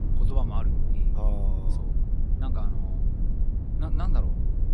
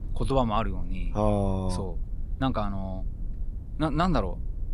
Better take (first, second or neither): second